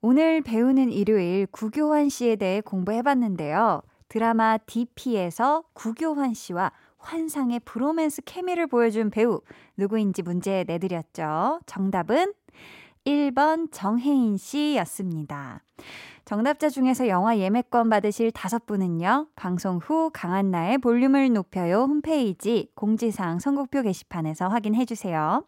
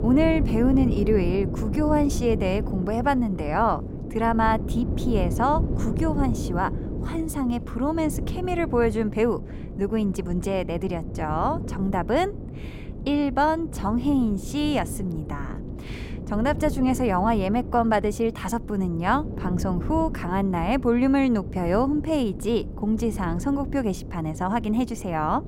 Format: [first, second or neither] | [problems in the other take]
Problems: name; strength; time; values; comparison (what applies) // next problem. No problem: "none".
first | wind noise on the microphone; occasional gusts; 15 dB below the speech